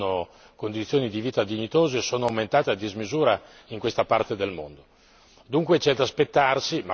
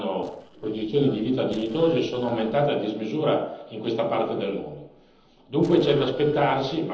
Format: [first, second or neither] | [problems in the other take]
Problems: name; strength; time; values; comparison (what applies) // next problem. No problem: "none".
first | noise reduction (neural separator model SepFormer DNS4)